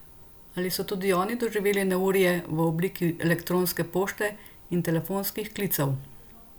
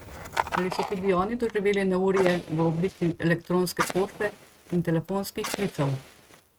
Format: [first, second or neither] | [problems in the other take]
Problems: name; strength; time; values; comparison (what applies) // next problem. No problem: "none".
first | noise reduction (neural mask model RNNoise)